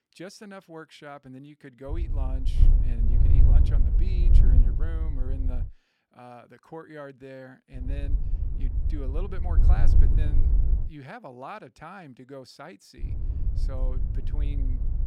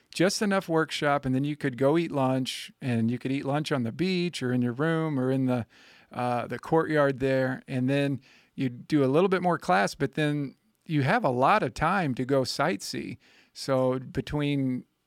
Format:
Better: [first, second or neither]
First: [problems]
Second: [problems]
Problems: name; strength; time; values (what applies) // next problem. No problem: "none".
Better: second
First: wind noise on the microphone; heavy; from 2 to 5.5 s, from 8 to 11 s and from 13 s on; 2 dB below the speech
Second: none